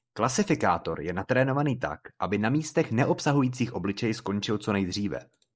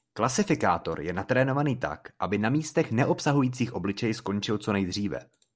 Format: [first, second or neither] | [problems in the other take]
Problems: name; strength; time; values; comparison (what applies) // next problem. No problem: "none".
second | noise reduction (neural mask model Resemble Enhance denoiser)